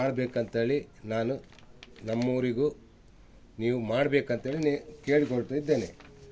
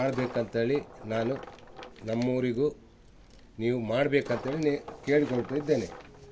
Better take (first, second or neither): first